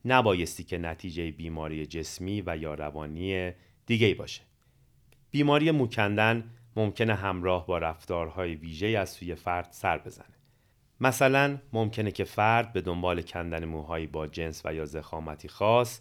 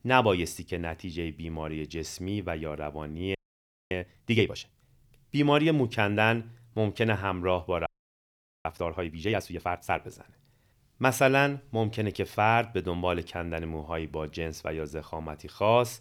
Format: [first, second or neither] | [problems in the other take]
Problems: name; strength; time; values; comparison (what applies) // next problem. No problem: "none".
first | audio freezing; at 3.5 s for 0.5 s and at 8 s for 1 s